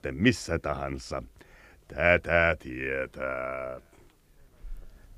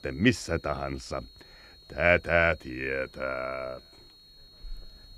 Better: first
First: none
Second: high-pitched whine; faint; throughout; 4.5 kHz, 25 dB below the speech

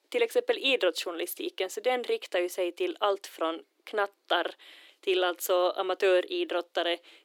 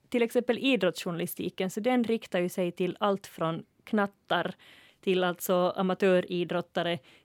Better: second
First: thin; very; fading below 300 Hz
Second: none

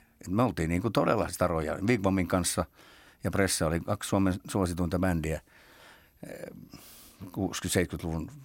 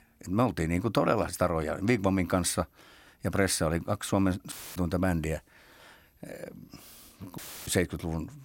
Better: first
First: none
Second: audio cutting out; filled with static; at 4.5 s and at 7.5 s

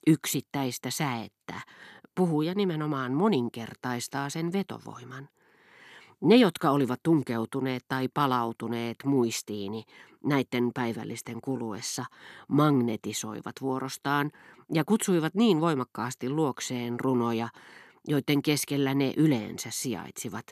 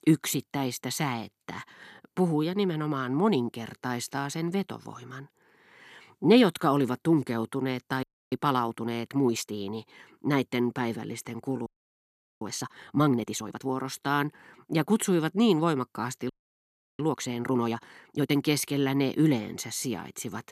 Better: first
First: none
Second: audio freezing; at 8 s, at 12 s for 1 s and at 16 s for 0.5 s

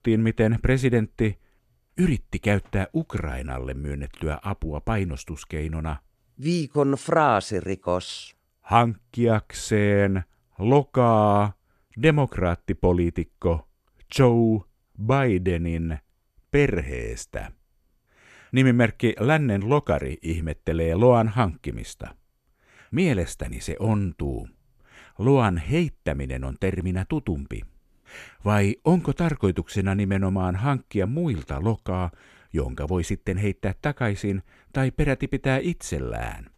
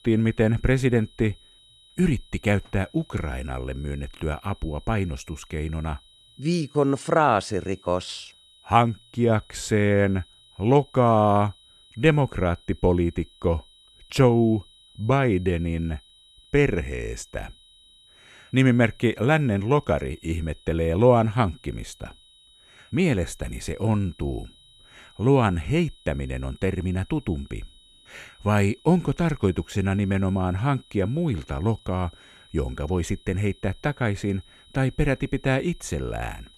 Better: first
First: none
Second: high-pitched whine; faint; throughout; 4 kHz, 30 dB below the speech

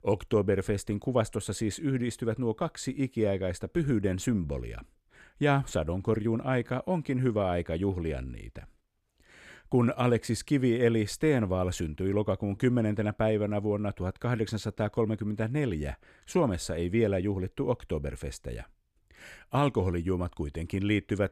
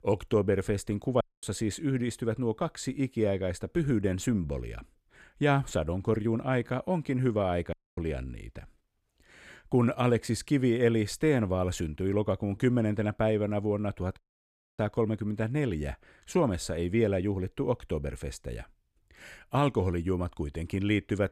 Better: first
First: none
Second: audio cutting out; at 1 s, at 7.5 s and at 14 s for 0.5 s

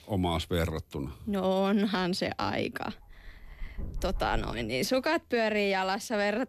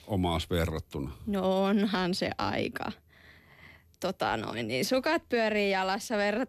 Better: second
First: dog barking; noticeable; from 3.5 to 4.5 s; peak 10 dB below the speech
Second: none

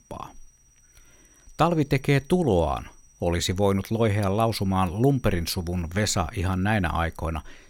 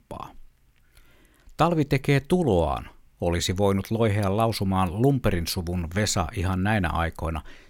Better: second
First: high-pitched whine; faint; throughout; 6 kHz, 30 dB below the speech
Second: none

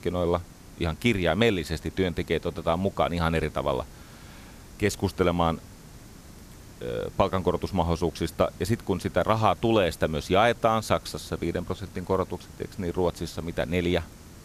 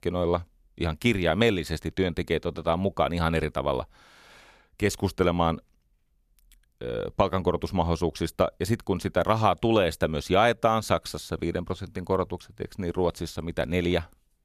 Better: second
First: hiss; faint; throughout; 20 dB below the speech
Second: none

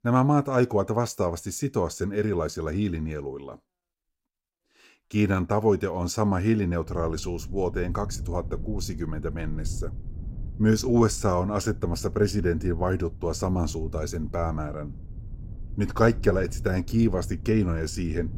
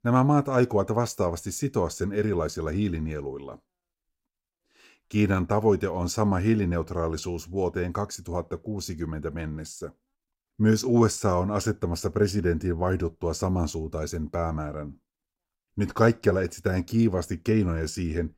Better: second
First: low rumble; faint; from 7 s on; 25 dB below the speech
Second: none

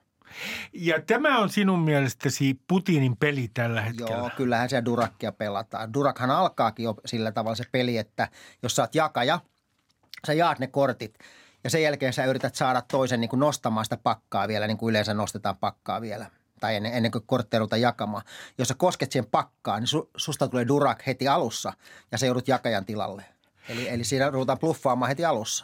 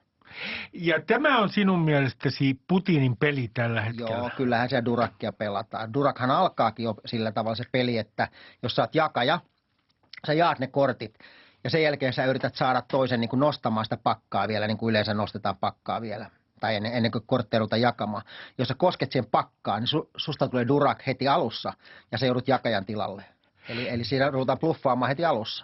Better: first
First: none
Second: garbled, watery; badly; nothing above 5.5 kHz

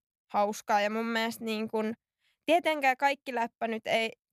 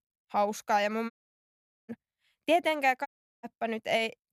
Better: first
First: none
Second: audio cutting out; at 1 s for 1 s and at 3 s

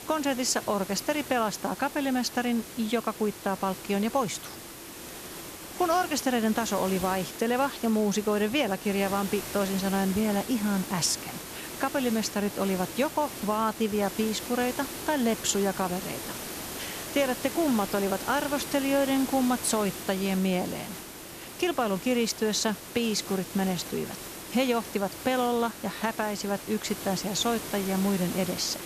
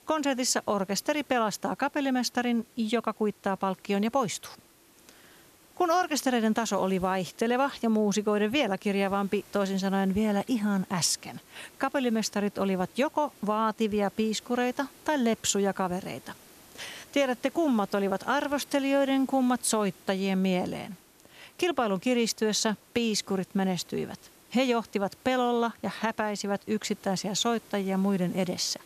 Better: second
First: hiss; loud; throughout; 9 dB below the speech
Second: hiss; faint; throughout; 25 dB below the speech

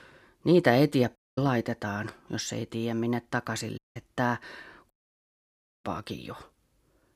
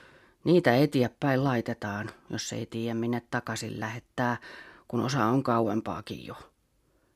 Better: second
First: audio cutting out; at 1 s, at 4 s and at 5 s for 1 s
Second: none

